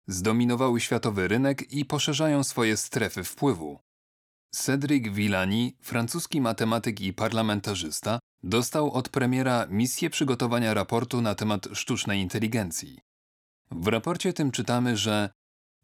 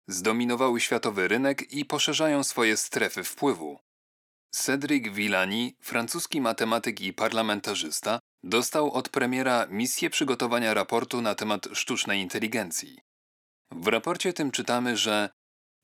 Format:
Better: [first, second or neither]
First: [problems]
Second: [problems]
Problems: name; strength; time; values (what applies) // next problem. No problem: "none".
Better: first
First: none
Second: thin; very slightly; fading below 300 Hz